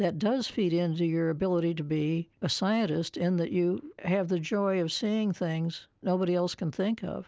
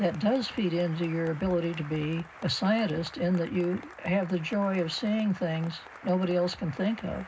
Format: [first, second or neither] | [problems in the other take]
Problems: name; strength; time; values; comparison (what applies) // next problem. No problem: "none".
first | background sound (Applause); 18 dB below the speech // room echo; dies away in 0.4 s